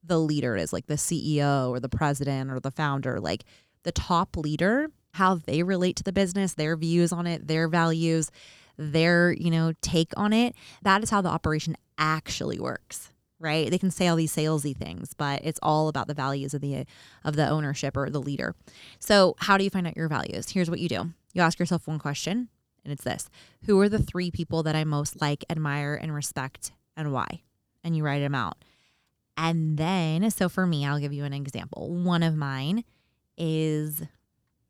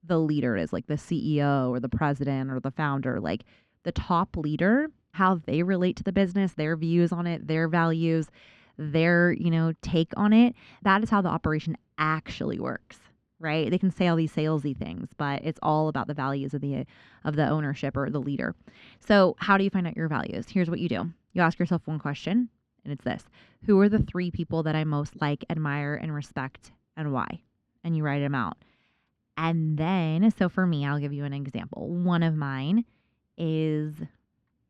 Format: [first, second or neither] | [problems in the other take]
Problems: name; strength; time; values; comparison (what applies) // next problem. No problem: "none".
first | muffled; slightly; fading above 2.5 kHz